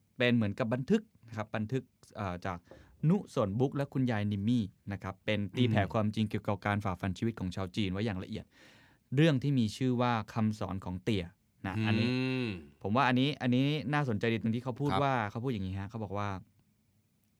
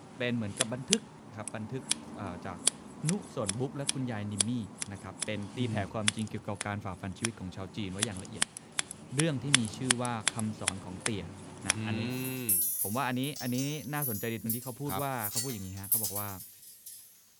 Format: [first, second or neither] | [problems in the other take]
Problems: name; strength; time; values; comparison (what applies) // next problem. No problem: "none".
first | household noises; very loud; throughout; 3 dB above the speech